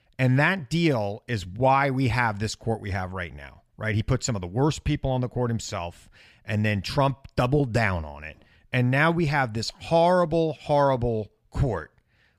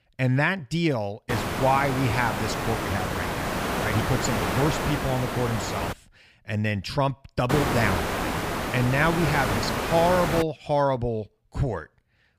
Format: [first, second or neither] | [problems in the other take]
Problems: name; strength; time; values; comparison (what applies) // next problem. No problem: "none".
first | hiss; loud; from 1.5 to 6 s and from 7.5 to 10 s; 2 dB below the speech